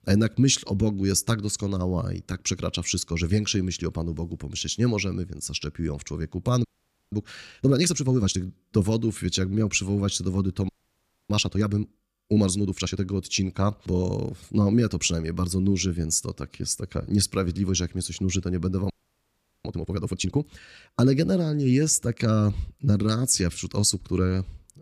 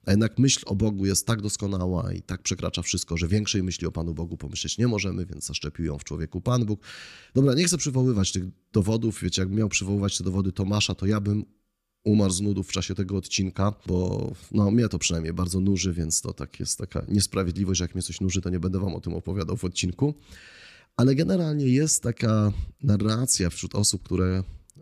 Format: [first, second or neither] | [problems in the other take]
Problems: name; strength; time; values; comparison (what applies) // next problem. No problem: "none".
second | audio freezing; at 6.5 s, at 11 s for 0.5 s and at 19 s for 0.5 s